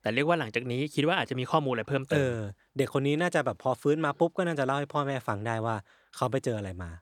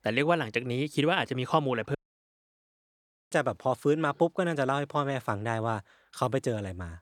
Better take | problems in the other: first | audio cutting out; at 2 s for 1.5 s

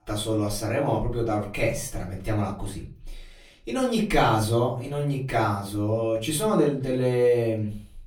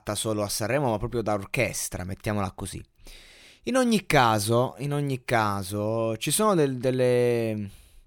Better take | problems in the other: second | room echo; slight; dies away in 0.4 s // off-mic speech; far

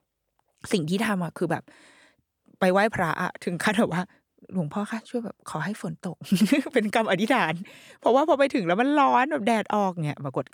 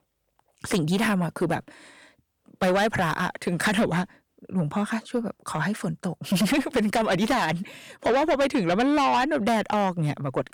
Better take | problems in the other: first | distortion; heavy; 7 dB below the speech

